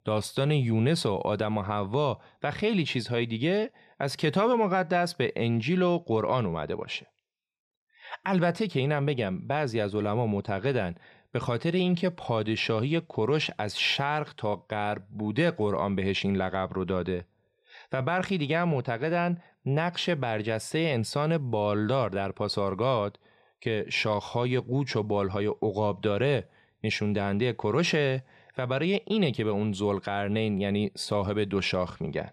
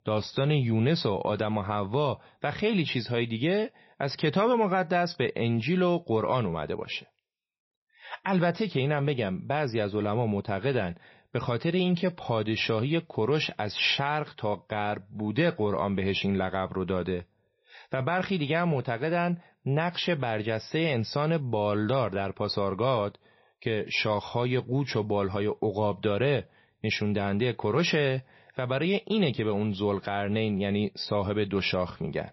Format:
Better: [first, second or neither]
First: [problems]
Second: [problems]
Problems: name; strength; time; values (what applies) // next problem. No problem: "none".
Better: first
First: none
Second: garbled, watery; slightly; nothing above 5.5 kHz